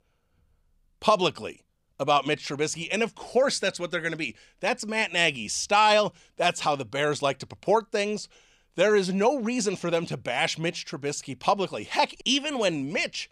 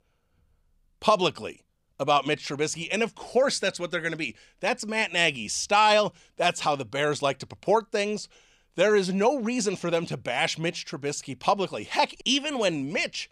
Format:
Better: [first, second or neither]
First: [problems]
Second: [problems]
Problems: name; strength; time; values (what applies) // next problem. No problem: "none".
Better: neither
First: none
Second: none